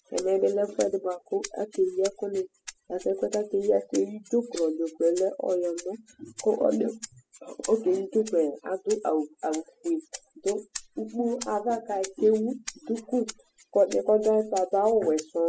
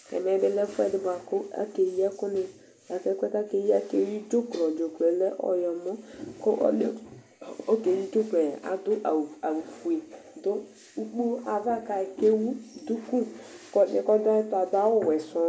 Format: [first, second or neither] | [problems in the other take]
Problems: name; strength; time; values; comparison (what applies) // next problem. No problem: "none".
second | noise reduction (classical method spectral subtraction)